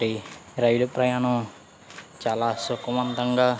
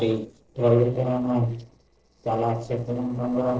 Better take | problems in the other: first | noise reduction (neural separator model SepFormer DNS4)

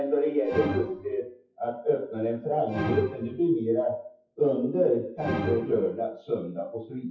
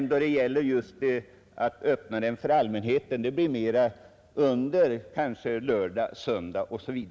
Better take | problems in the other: second | noise reduction (classical method WPE with log-MMSE)

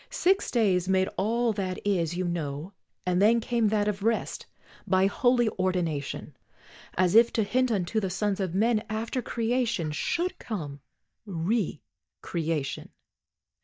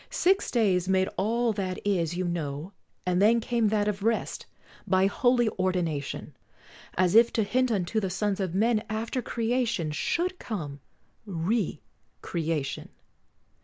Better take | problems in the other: second | noise reduction (neural mask model DeepFilterNet 3)

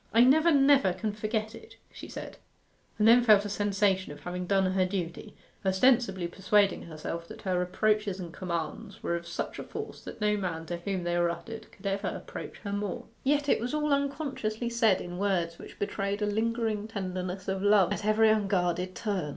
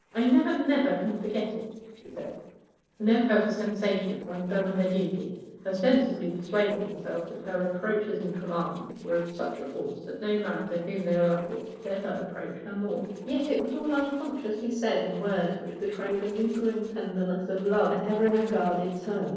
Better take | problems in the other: first | noise reduction (neural separator model SepFormer DNS4)

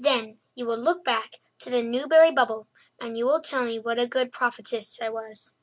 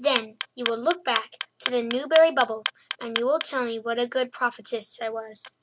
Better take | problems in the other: first | background sound (Clock); 9 dB below the speech

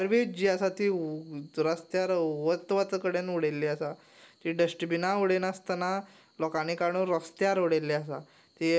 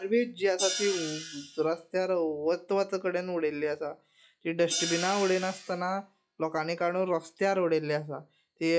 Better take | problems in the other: first | noise reduction (classical method log-MMSE)

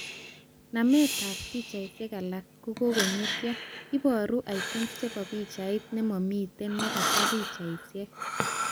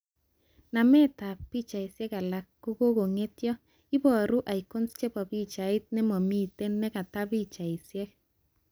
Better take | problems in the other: second | background sound (Breathing); 4 dB below the speech

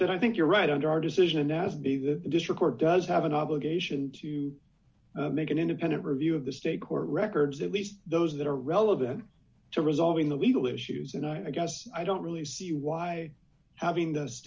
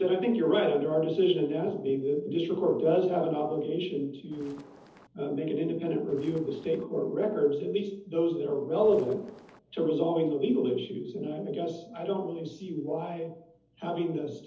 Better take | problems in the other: first | noise reduction (neural separator model SepFormer DNS4)

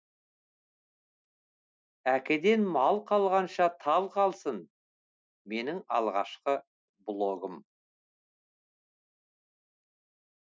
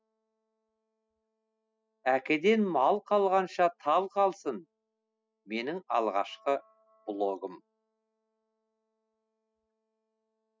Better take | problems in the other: first | noise reduction (classical method spectral subtraction)

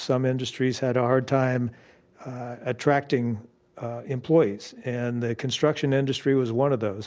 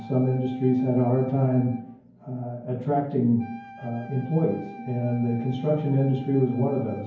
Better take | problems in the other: first | background sound (Wind instrument, woodwind instrument); 20 dB below the speech // room echo; dies away in 0.9 s

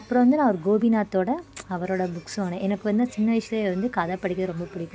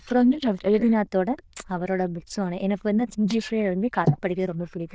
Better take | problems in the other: first | noise reduction (neural diffusion model UNIVERSE++)

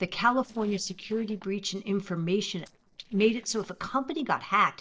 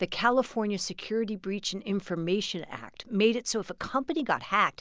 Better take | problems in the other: second | noise reduction (neural separator model SepFormer DNS4)

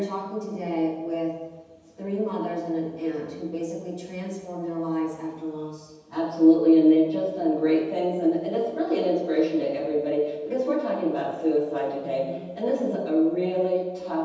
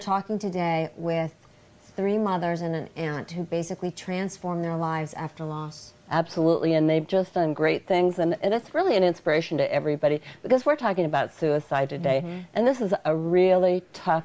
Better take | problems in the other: second | room echo; dies away in 1.1 s

